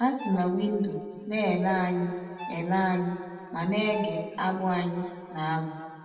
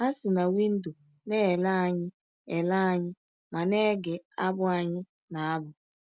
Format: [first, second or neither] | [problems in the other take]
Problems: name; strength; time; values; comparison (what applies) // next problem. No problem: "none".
second | background sound (Bowed string instrument); 18 dB below the speech // room echo; dies away in 1.9 s